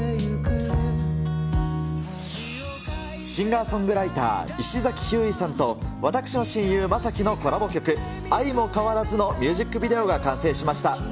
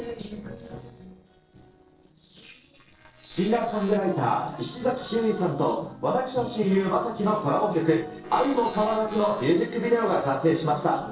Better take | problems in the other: first | noise reduction (neural separator model SepFormer DNS4)

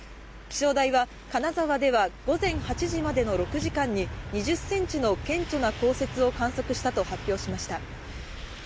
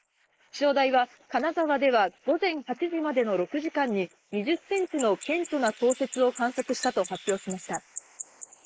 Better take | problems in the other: first | noise reduction (neural mask model Resemble Enhance denoiser)

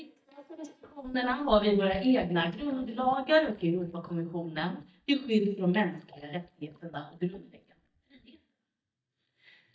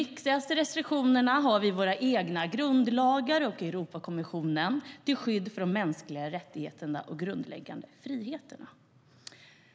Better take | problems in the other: second | noise reduction (neural mask model DeepFilterNet 3)

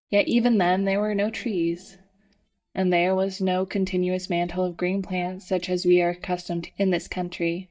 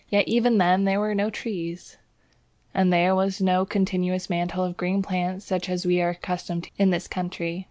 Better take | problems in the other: second | noise reduction (neural mask model DeepFilterNet 3)

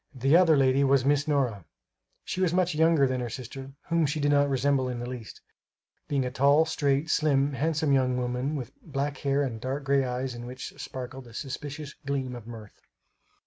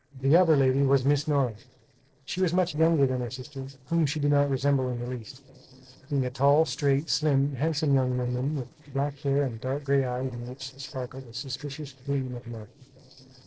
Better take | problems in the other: first | noise reduction (neural separator model SepFormer DNS4)

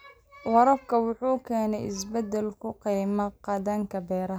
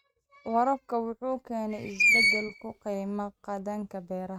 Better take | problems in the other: first | noise reduction (neural mask model RNNoise)

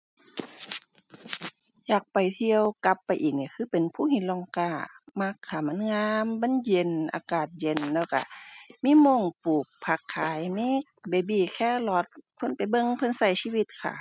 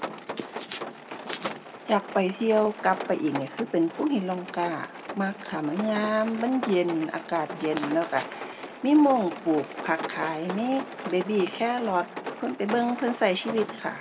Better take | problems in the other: first | background sound (Rain); 11 dB below the speech // room echo; dies away in 1.3 s

